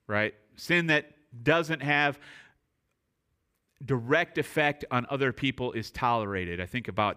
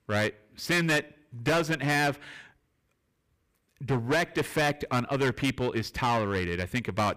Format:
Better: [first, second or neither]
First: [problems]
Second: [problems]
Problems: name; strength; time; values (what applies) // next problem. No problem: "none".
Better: first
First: none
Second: distortion; heavy; 11% of the sound clipped